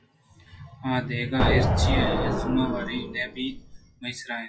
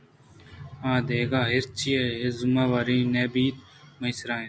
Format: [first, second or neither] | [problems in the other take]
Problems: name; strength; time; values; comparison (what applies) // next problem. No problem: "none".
second | noise reduction (classical method WPE with log-MMSE)